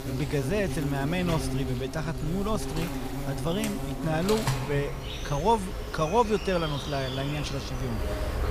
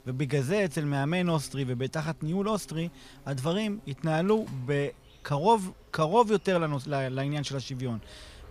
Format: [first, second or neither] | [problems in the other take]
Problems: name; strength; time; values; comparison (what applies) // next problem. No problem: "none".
second | animal sounds; loud; throughout; 4 dB below the speech; faint in the second